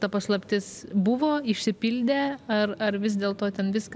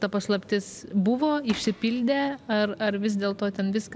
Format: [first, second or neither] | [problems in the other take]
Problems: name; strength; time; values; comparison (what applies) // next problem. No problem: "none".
first | background sound (Cupboard open or close / Door); 17 dB below the speech